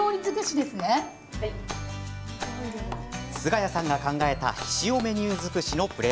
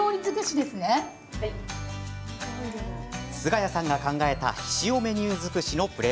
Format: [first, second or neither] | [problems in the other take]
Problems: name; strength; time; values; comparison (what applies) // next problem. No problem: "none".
second | background sound (Clapping); 17 dB below the speech